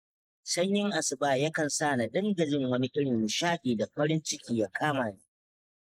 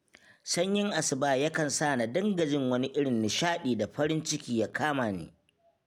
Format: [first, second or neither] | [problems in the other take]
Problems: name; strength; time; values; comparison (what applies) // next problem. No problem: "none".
second | noise reduction (neural mask model Resemble Enhance denoiser)